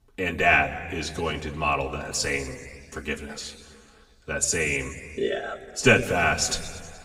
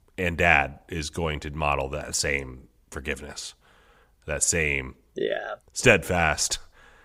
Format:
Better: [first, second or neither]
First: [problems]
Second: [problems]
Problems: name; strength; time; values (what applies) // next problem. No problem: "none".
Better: second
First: room echo; slight; dies away in 1.7 s // off-mic speech; far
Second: none